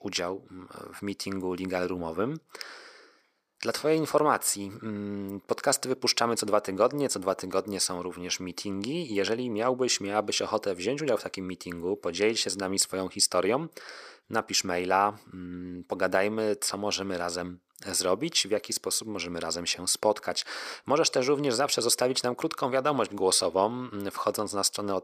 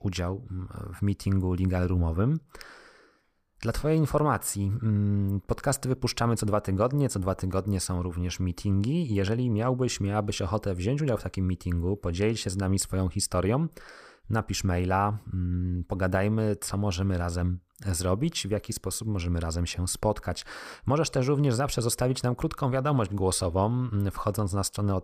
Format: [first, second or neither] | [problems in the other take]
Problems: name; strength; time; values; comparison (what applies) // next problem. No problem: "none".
second | thin; somewhat; fading below 350 Hz